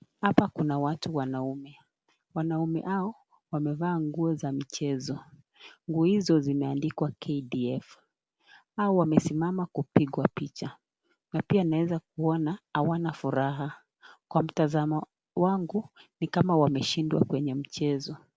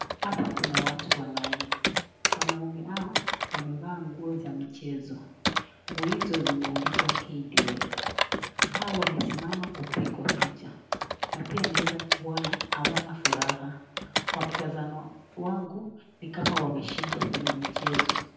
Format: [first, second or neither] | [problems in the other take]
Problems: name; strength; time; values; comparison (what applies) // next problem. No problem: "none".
first | background sound (Computer keyboard); 3 dB above the speech // room echo; dies away in 0.9 s